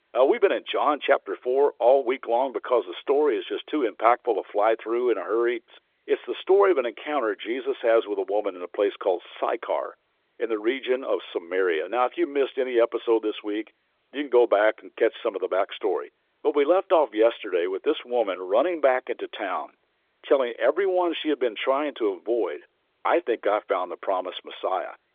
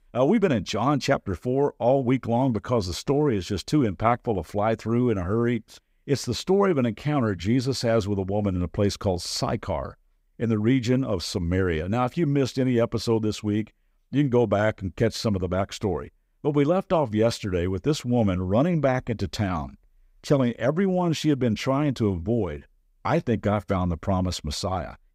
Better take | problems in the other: second | phone-call audio; nothing above 3.5 kHz

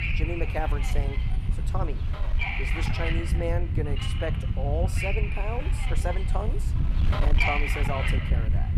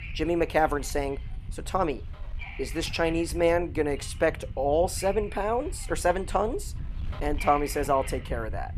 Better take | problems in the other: second | wind noise on the microphone; heavy; 2 dB above the speech; occasional gusts in the second

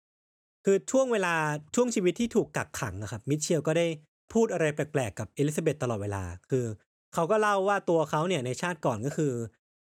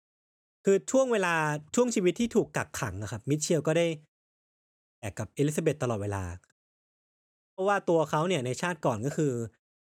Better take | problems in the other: first | audio cutting out; at 4.5 s for 0.5 s and at 6.5 s for 1 s

